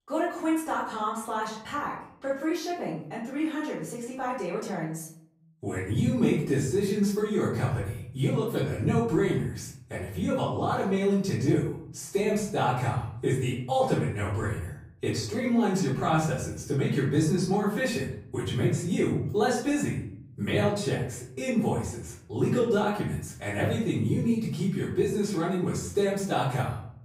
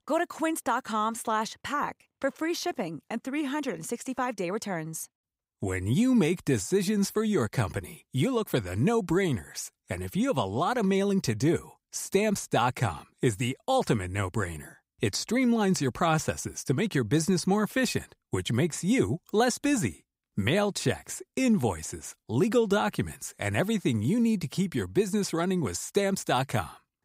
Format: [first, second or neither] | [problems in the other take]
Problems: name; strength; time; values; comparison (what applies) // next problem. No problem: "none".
second | off-mic speech; far // room echo; noticeable; dies away in 0.6 s